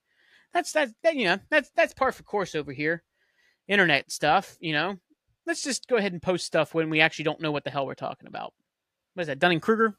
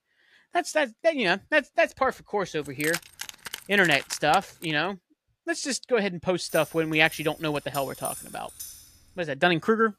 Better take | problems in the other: first | jangling keys; noticeable; from 2.5 to 4.5 s and from 6.5 to 9 s; peak 7 dB below the speech

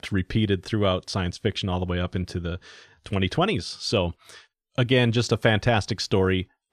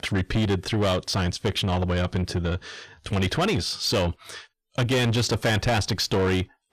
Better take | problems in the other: first | distortion; heavy; 7 dB below the speech

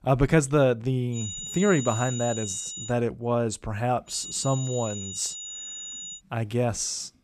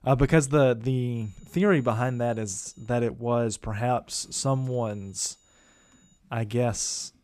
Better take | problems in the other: second | high-pitched whine; loud; from 1 to 3 s and from 4 to 6 s; 7 kHz, 8 dB below the speech; faint in the second

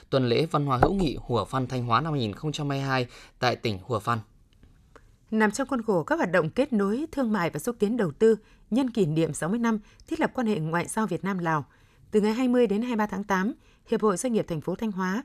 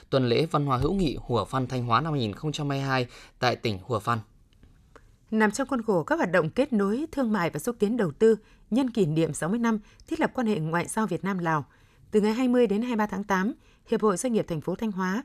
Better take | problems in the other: second | door banging; noticeable; at 1 s; peak 1 dB below the speech

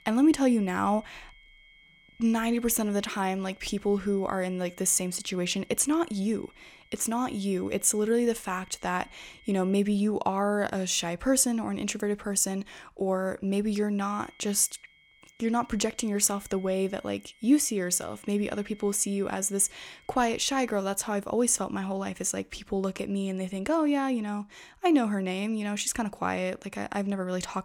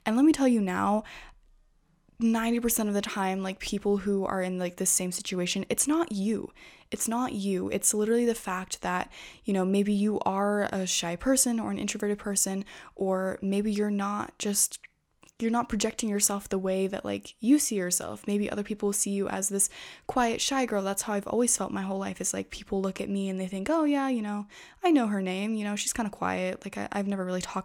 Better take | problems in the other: second | high-pitched whine; faint; until 10 s and from 14 to 21 s; 2 kHz, 30 dB below the speech

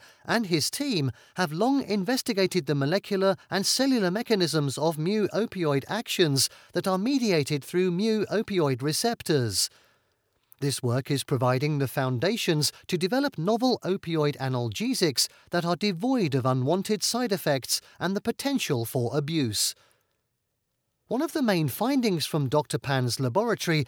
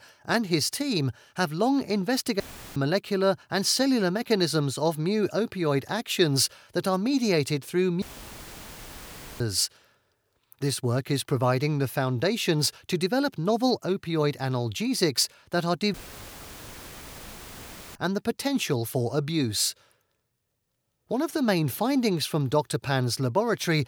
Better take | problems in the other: first | audio cutting out; filled with static; at 2.5 s, at 8 s for 1.5 s and at 16 s for 2 s

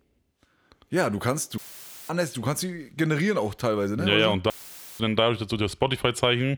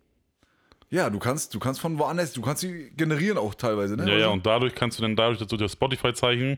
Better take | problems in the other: second | audio cutting out; filled with static; at 1.5 s for 0.5 s and at 4.5 s for 0.5 s

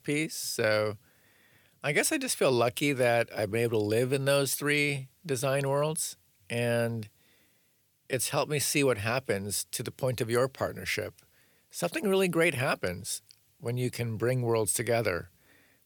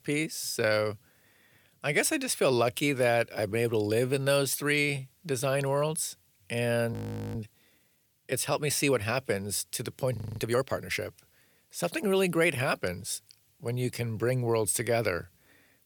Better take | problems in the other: first | audio freezing; at 7 s and at 10 s

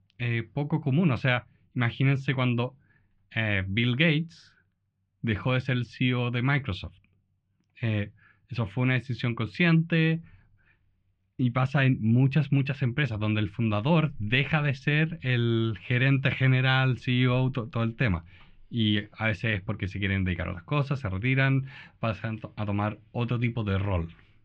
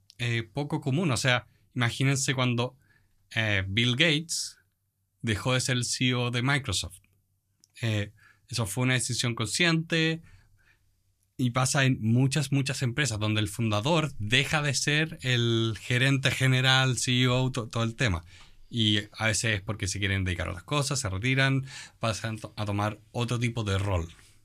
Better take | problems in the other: second | muffled; very; fading above 3 kHz

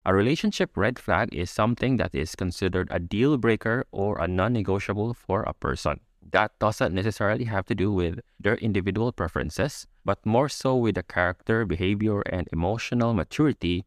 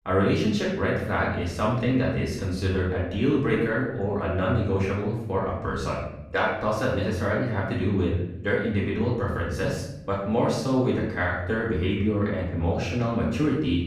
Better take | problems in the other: first | off-mic speech; far // room echo; noticeable; dies away in 0.7 s

